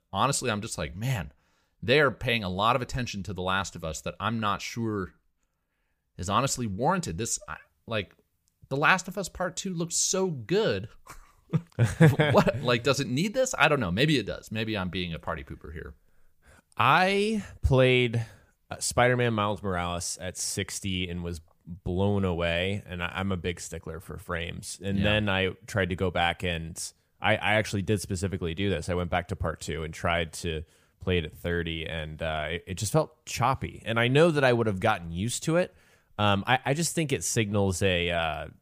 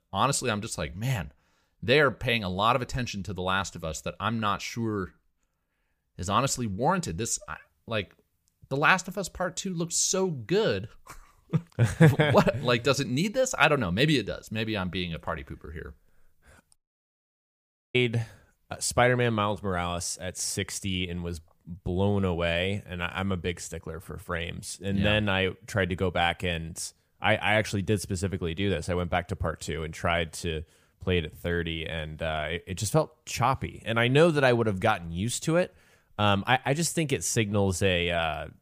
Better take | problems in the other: first | audio cutting out; at 17 s for 1 s

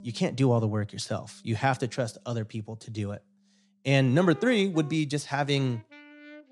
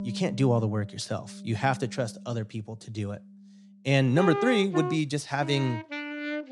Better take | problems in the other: first | background music; loud; throughout; 8 dB below the speech; faint in the first

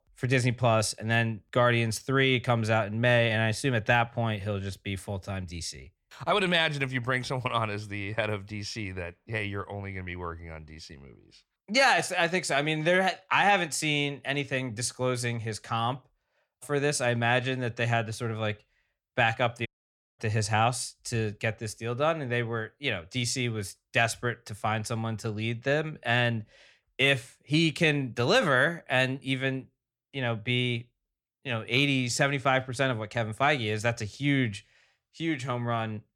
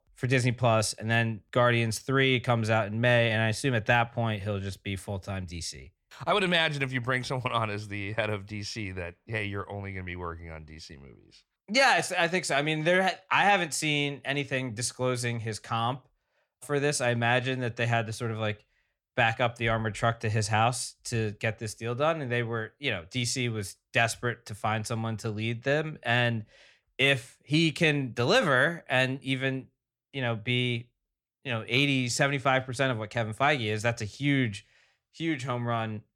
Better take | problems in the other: second | audio cutting out; at 20 s for 0.5 s

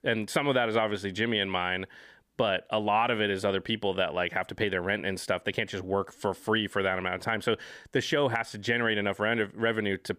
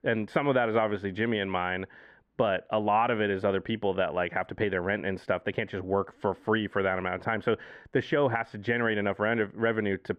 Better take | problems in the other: first | muffled; very; fading above 4 kHz

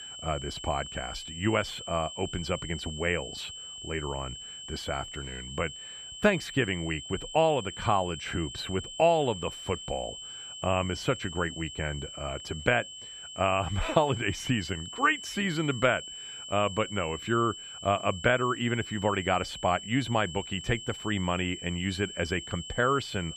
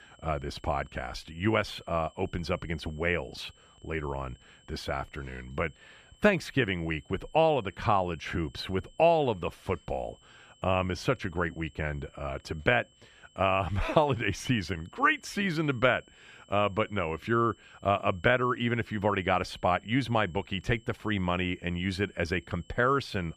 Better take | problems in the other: second | high-pitched whine; loud; throughout; 3 kHz, 10 dB below the speech; faint in the second

